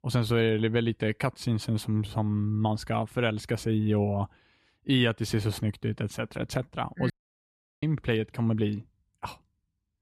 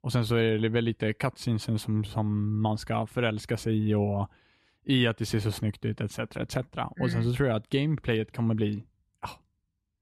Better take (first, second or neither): second